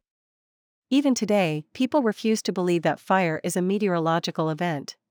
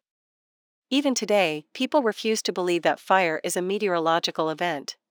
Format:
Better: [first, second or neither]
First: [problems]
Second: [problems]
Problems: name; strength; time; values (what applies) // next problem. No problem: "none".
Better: first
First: none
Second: thin; very slightly; fading below 350 Hz